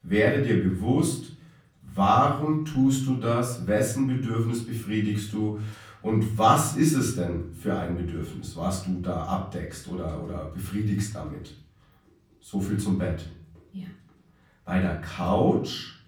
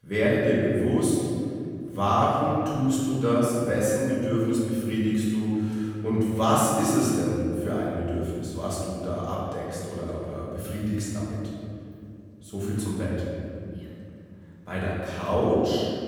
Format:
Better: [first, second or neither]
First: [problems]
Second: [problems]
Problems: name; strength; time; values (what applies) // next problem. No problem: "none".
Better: first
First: room echo; slight; dies away in 0.6 s // off-mic speech; far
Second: room echo; strong; dies away in 2.4 s // off-mic speech; far